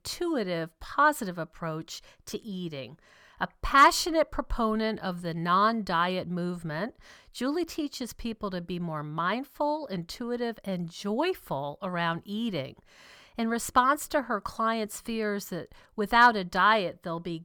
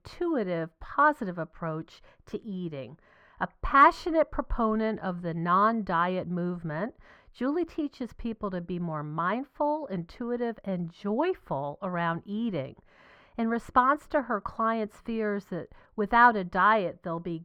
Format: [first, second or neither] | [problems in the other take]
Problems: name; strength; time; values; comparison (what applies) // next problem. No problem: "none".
first | muffled; very; fading above 3.5 kHz